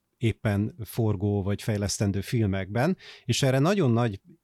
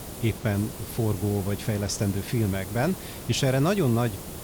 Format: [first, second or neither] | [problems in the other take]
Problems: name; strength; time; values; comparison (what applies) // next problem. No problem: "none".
first | hiss; noticeable; throughout; 10 dB below the speech